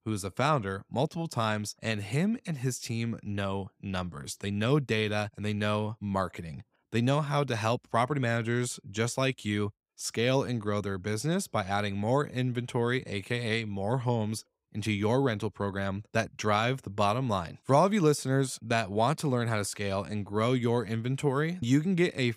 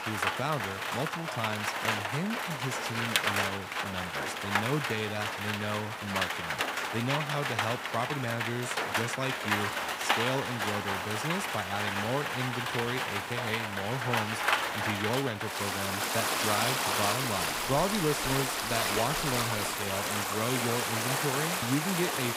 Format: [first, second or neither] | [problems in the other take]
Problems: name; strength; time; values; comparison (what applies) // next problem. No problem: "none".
first | rain or running water; very loud; throughout; 4 dB above the speech